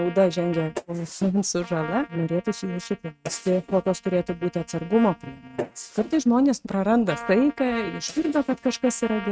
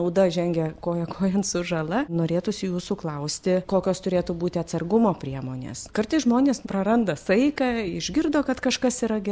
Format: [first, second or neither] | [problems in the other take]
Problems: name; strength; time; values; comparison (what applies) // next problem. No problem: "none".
second | noise reduction (neural mask model RNNoise)